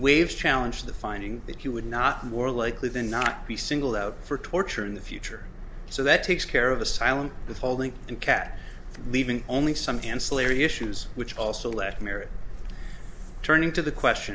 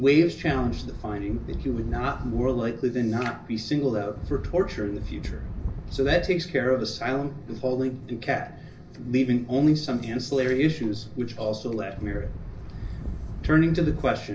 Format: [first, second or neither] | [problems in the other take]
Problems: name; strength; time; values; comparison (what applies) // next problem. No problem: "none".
first | background sound (Wind); 6 dB below the speech // room echo; dies away in 0.4 s